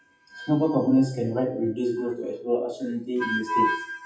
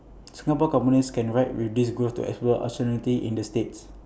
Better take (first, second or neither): second